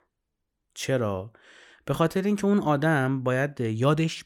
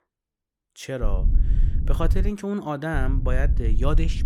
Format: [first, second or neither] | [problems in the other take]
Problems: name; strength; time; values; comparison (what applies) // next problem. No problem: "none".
first | wind noise on the microphone; faint; from 1 to 2.5 s and from 3 s on; 15 dB below the speech